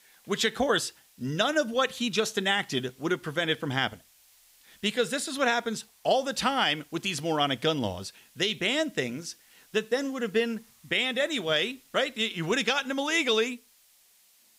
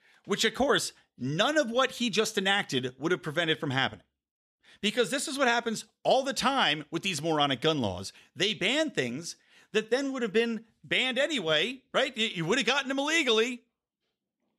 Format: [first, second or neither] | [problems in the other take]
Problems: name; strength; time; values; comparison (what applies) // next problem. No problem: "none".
second | hiss; faint; throughout; 30 dB below the speech